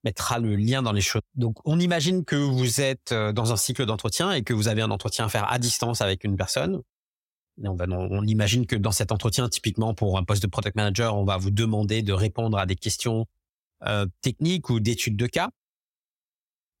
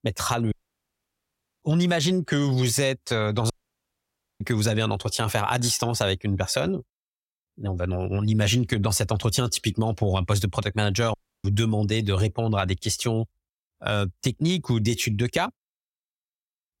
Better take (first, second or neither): first